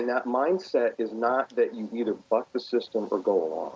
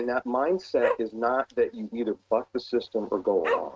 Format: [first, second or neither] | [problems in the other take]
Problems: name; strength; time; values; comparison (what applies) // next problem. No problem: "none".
first | noise reduction (neural mask model RNNoise)